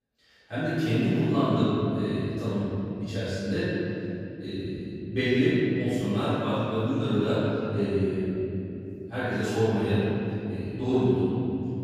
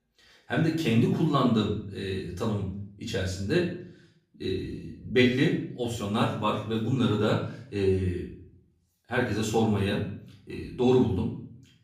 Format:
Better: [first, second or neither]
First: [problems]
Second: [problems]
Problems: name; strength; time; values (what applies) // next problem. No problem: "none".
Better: second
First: room echo; strong; dies away in 3 s // off-mic speech; far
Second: room echo; slight; dies away in 0.5 s // off-mic speech; far